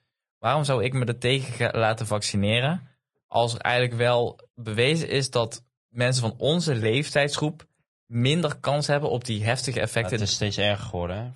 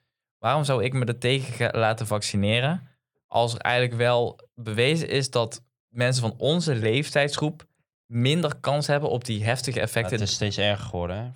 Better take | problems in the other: second | garbled, watery; slightly; nothing above 10.5 kHz

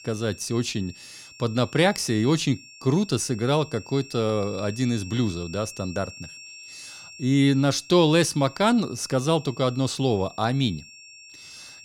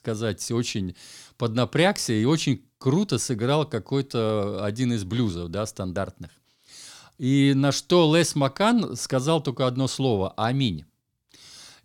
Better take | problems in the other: second | high-pitched whine; noticeable; throughout; 2.5 kHz, 20 dB below the speech

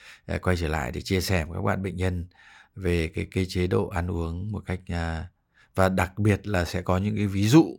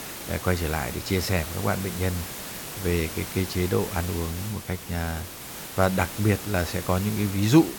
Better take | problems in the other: first | hiss; loud; throughout; 8 dB below the speech

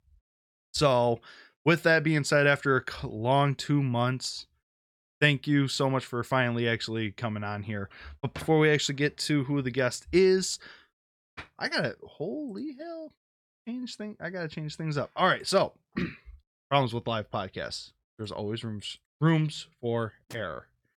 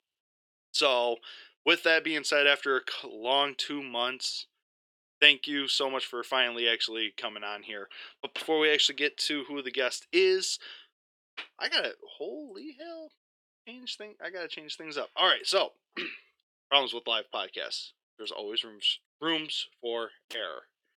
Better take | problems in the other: first | thin; somewhat; fading below 350 Hz

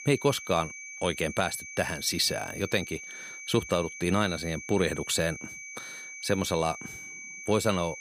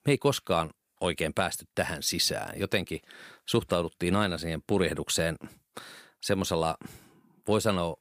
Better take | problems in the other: second | high-pitched whine; noticeable; throughout; 2.5 kHz, 10 dB below the speech

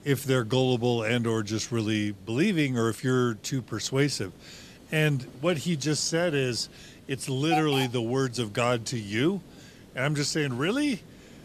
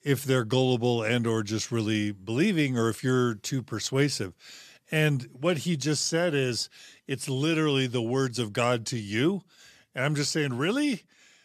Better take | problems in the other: second | hiss; noticeable; throughout; 15 dB below the speech

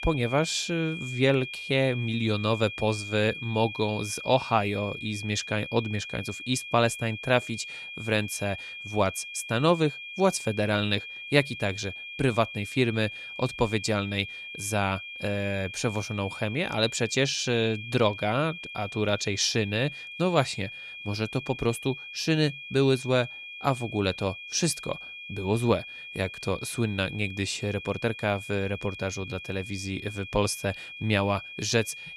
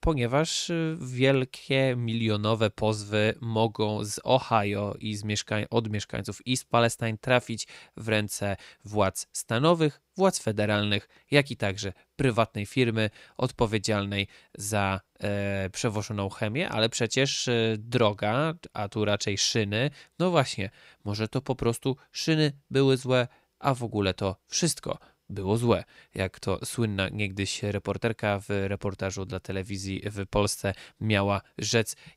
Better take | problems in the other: second | high-pitched whine; loud; throughout; 2.5 kHz, 10 dB below the speech

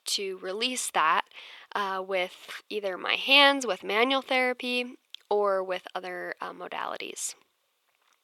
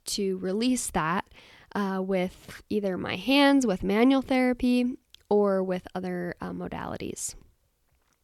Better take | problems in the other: second | thin; somewhat; fading below 550 Hz

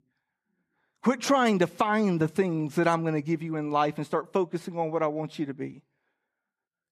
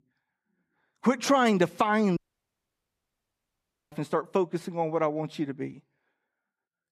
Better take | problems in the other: first | audio cutting out; at 2 s for 2 s

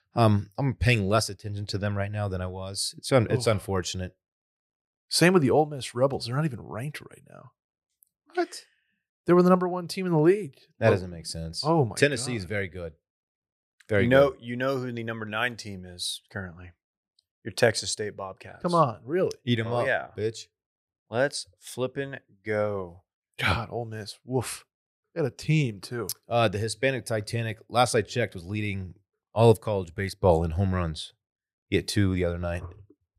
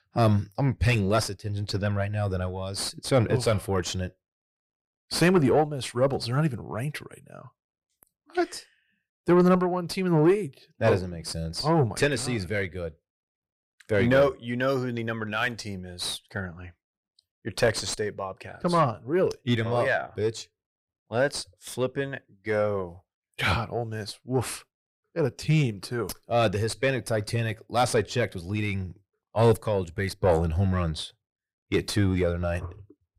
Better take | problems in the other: first | distortion; slight; 10 dB below the speech

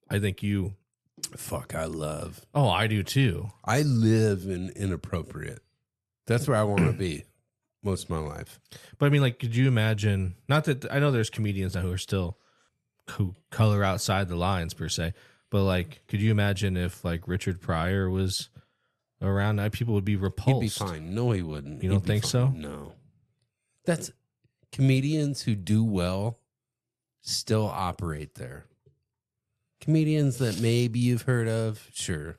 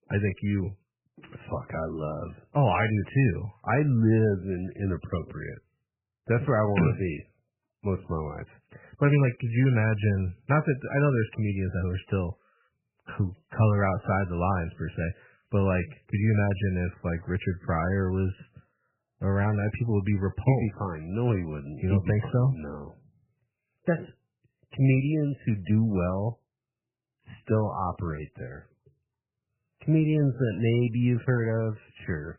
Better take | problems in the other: first | garbled, watery; badly; nothing above 3 kHz

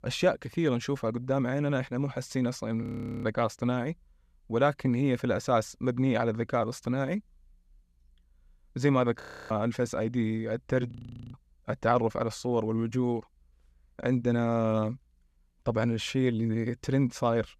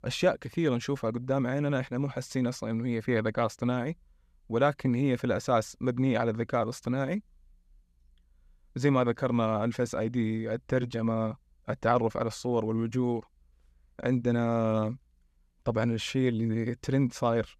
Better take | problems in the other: second | audio freezing; at 3 s, at 9 s and at 11 s

